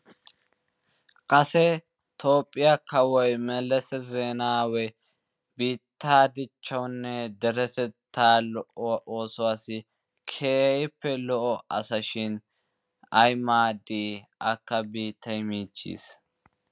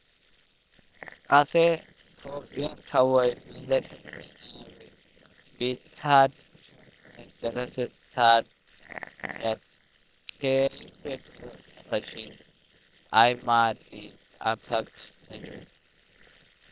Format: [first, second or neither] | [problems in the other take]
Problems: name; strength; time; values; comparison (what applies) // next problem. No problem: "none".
first | noise reduction (neural separator model SepFormer WHAM!)